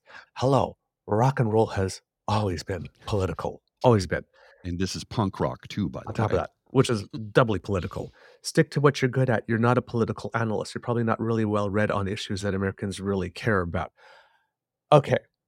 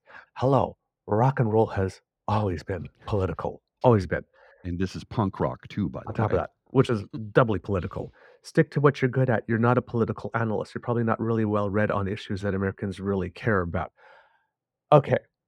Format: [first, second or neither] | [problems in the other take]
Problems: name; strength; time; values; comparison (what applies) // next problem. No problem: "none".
first | muffled; slightly; fading above 3.5 kHz